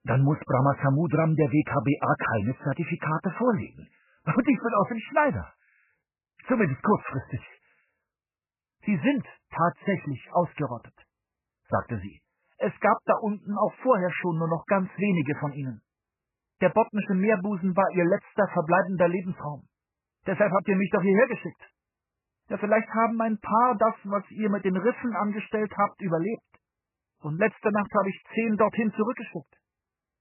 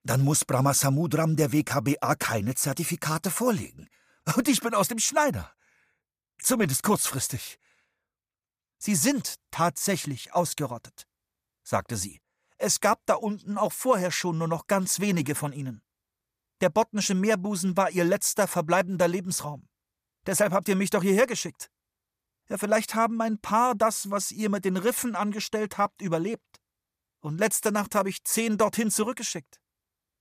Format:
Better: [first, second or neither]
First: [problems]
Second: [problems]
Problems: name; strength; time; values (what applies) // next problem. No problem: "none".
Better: second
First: garbled, watery; badly; nothing above 3 kHz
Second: none